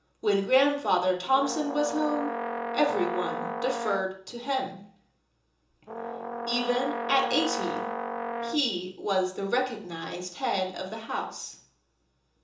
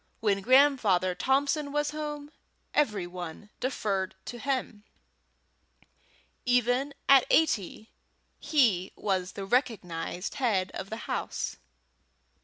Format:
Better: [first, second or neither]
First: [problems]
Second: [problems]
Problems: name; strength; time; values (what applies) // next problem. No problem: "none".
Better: second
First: background sound (Brass instrument); 4 dB below the speech // room echo; dies away in 0.6 s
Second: none